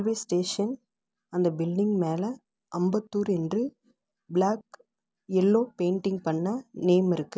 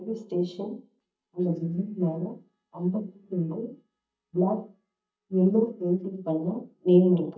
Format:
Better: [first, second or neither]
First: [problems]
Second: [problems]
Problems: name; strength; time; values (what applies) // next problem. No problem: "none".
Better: first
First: none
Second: noise reduction (neural mask model DeepFilterNet 3)